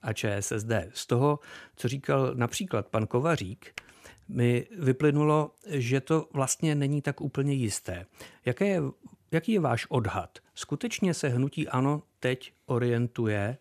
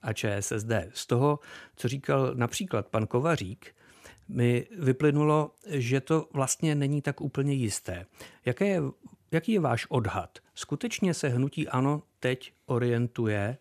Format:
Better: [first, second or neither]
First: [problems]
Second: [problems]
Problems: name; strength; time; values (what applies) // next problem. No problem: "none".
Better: second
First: keyboard typing; very faint; at 4 s; peak 15 dB below the speech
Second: none